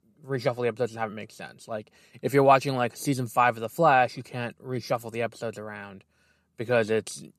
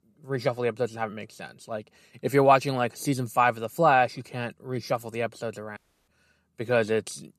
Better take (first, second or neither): first